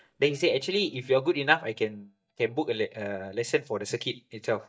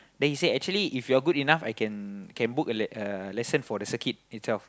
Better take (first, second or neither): second